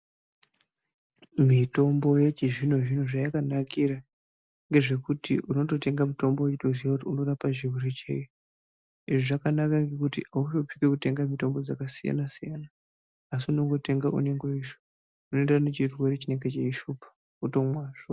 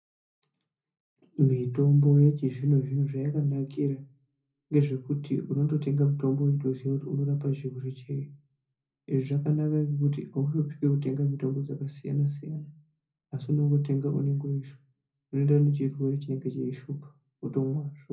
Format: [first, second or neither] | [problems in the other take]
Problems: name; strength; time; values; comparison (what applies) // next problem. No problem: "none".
first | room echo; dies away in 0.4 s